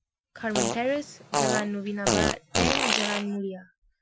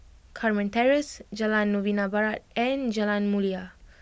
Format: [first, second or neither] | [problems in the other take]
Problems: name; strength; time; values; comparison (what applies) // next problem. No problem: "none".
second | noise reduction (classical method Wiener filter)